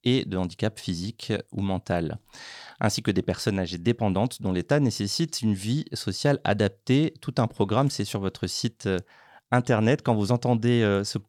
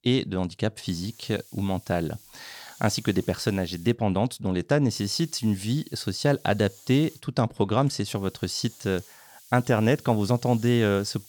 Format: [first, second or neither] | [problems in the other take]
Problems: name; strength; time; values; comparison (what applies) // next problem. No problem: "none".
first | hiss; faint; from 1 to 4 s, from 5 to 7 s and from 8 s on; 20 dB below the speech